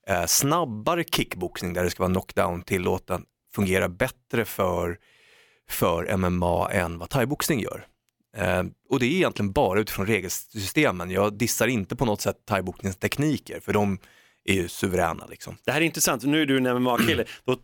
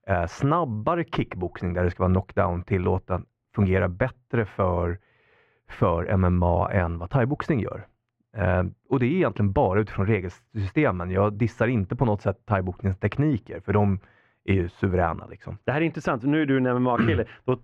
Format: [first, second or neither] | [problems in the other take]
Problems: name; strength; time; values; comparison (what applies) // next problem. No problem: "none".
first | muffled; very; fading above 1.5 kHz